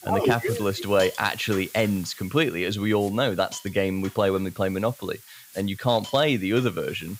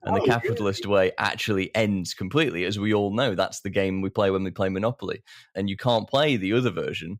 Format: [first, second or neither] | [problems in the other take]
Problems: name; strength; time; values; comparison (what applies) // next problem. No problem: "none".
second | hiss; noticeable; throughout; 15 dB below the speech